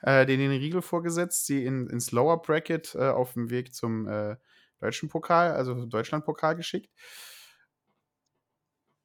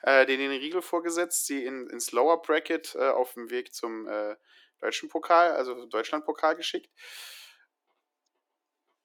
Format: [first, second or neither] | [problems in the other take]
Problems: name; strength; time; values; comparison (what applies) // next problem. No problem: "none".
first | thin; somewhat; fading below 300 Hz